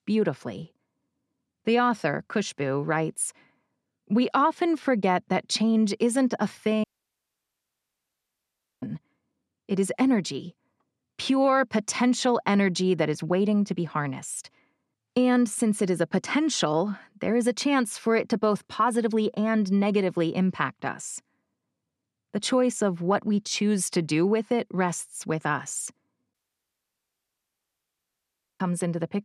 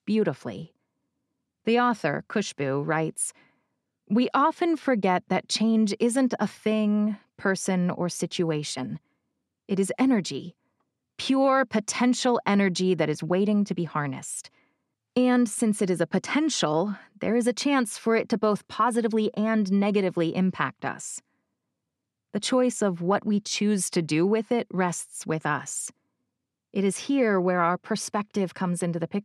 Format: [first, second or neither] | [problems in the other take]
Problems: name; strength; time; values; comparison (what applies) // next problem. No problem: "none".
second | audio cutting out; at 7 s for 2 s and at 26 s for 2.5 s